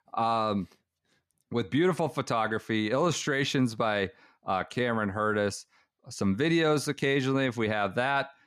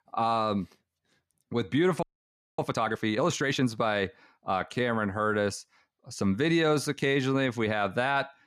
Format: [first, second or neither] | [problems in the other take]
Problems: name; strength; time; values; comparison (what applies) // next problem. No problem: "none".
first | audio freezing; at 2 s for 0.5 s